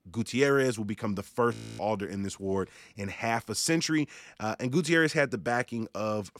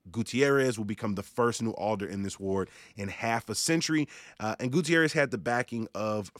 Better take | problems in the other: second | audio freezing; at 1.5 s

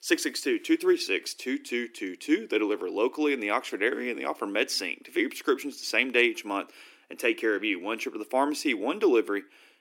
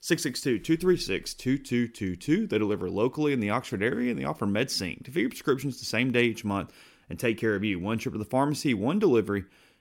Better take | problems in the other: second | thin; somewhat; fading below 300 Hz

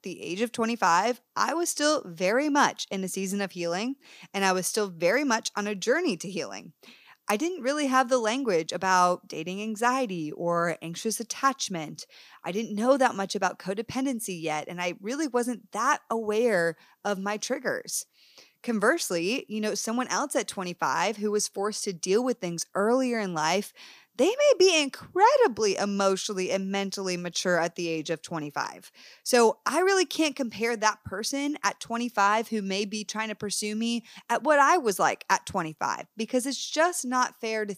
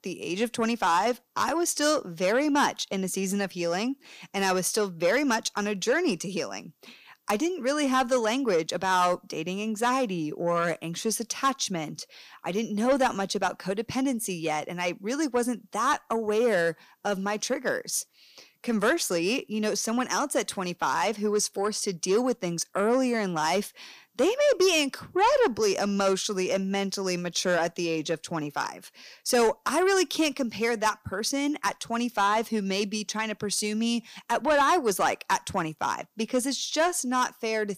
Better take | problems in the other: first | distortion; slight; 10 dB below the speech

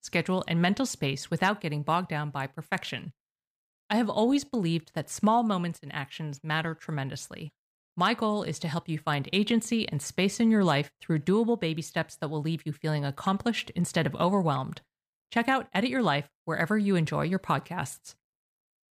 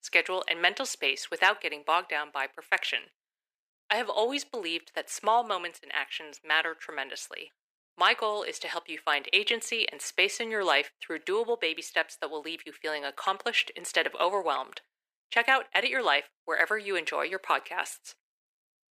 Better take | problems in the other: first | thin; very; fading below 350 Hz

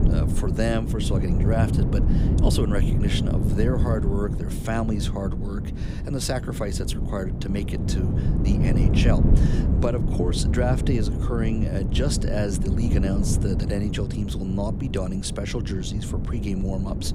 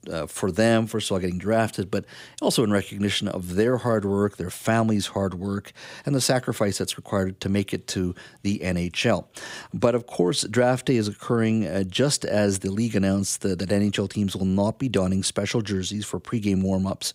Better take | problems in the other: second | wind noise on the microphone; heavy; 4 dB below the speech

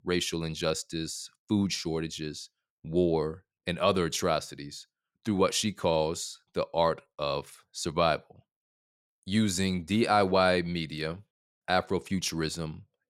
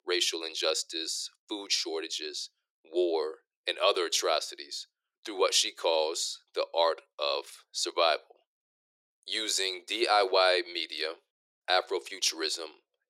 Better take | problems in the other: first | thin; very; fading below 350 Hz

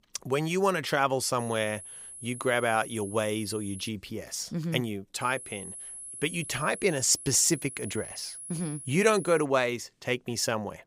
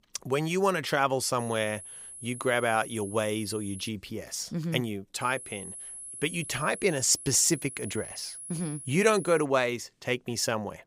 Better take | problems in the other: neither | high-pitched whine; noticeable; from 1.5 to 4 s and from 5 to 9.5 s; 10.5 kHz, 10 dB below the speech; the same in both

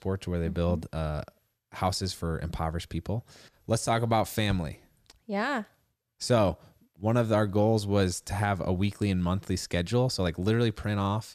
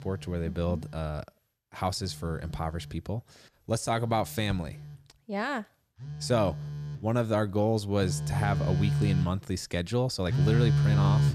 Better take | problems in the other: first | alarms or sirens; very loud; throughout; 2 dB above the speech

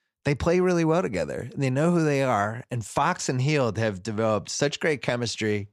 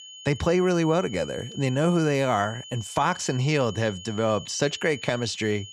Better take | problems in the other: first | high-pitched whine; noticeable; throughout; 3 kHz, 15 dB below the speech

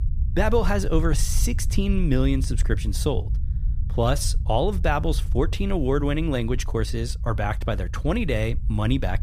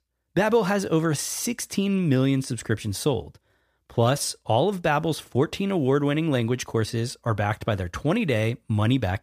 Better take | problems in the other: second | low rumble; noticeable; throughout; 20 dB below the speech

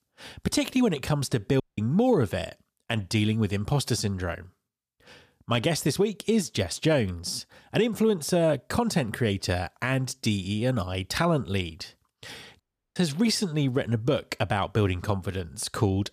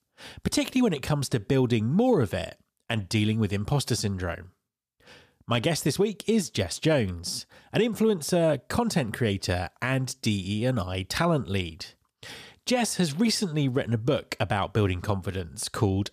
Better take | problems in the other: second | audio cutting out; at 1.5 s and at 13 s

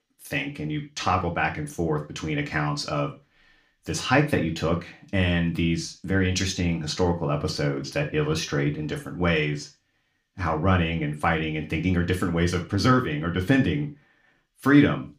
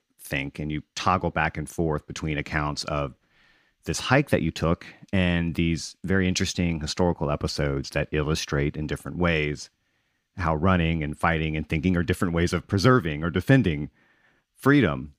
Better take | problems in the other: second | room echo; very slight; dies away in 0.3 s // off-mic speech; somewhat distant

